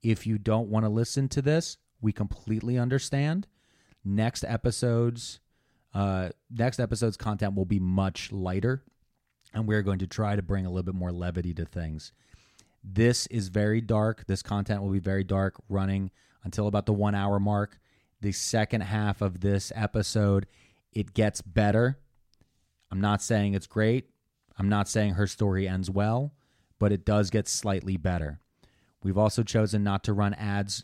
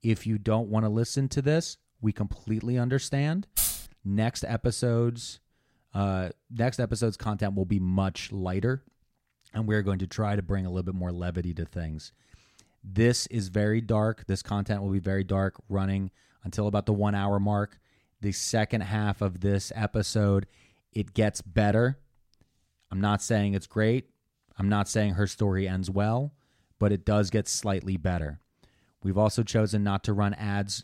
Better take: first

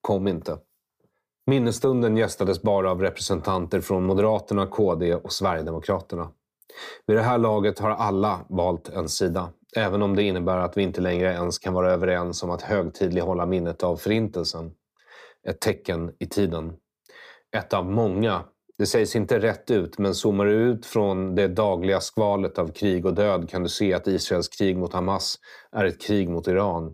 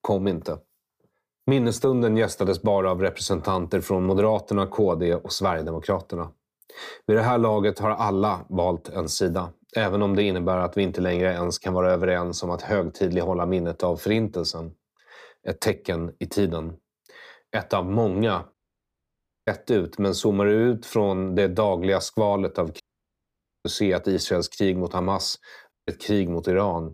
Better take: first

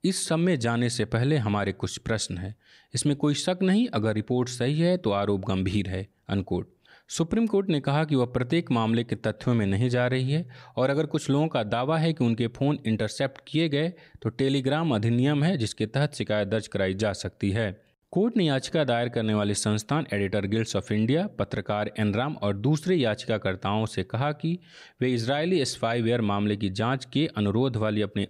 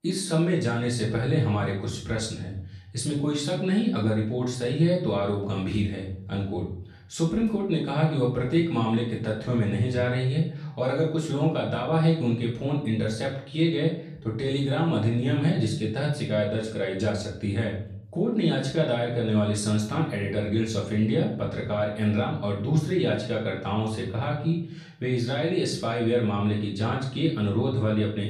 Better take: first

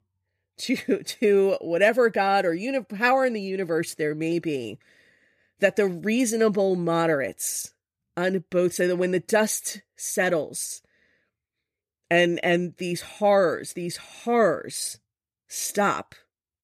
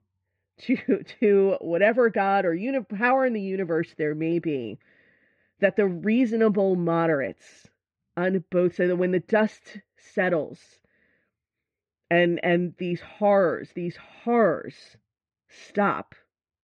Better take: first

